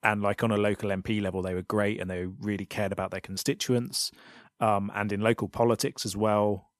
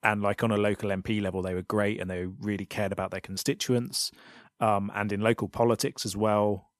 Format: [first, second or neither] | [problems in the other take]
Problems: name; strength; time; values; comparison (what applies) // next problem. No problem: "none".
neither | none